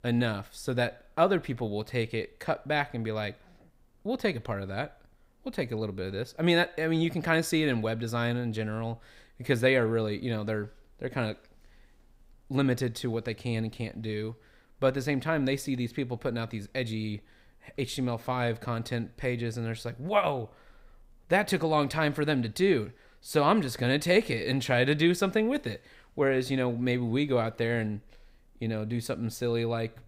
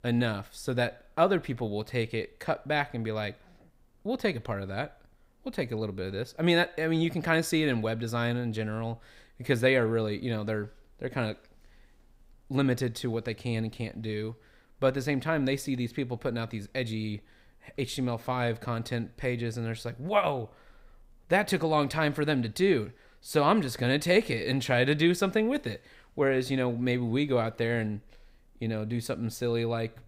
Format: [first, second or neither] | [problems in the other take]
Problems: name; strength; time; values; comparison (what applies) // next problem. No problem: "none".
neither | none